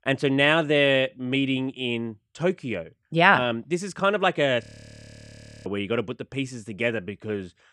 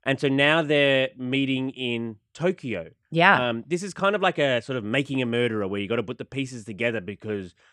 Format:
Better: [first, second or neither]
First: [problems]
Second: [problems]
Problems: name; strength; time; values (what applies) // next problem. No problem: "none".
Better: second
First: audio freezing; at 4.5 s for 1 s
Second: none